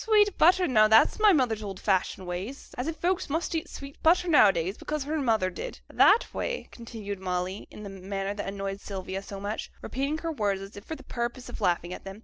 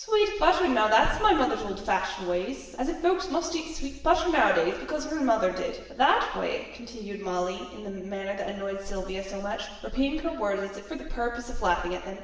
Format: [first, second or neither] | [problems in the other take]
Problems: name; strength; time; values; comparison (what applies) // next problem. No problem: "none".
first | room echo; dies away in 1.1 s